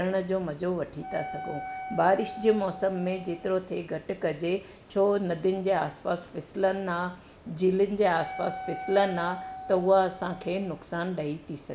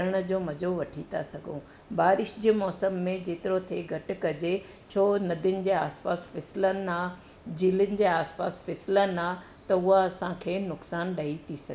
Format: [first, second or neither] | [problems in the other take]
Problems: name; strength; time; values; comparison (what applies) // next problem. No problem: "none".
second | background sound (Wind instrument, woodwind instrument); 12 dB below the speech